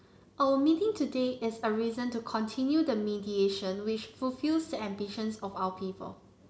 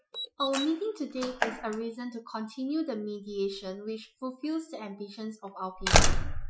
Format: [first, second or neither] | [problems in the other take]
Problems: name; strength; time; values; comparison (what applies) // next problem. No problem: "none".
first | noise reduction (classical method Wiener filter)